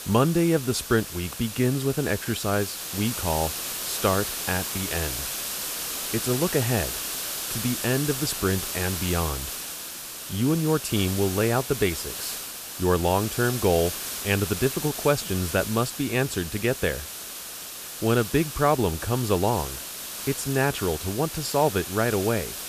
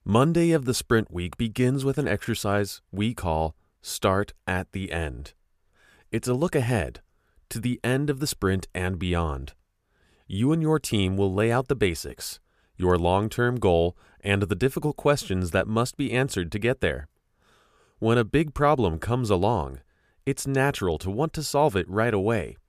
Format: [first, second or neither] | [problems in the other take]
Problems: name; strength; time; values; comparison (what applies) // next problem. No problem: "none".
second | hiss; loud; throughout; 5 dB below the speech